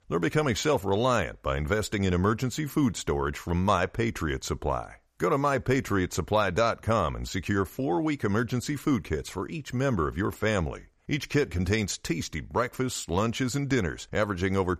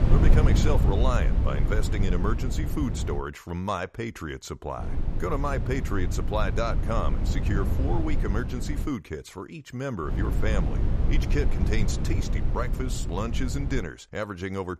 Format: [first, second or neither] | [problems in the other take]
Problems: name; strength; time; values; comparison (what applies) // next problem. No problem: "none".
first | wind noise on the microphone; heavy; until 3 s, from 5 to 9 s and from 10 to 14 s; 6 dB below the speech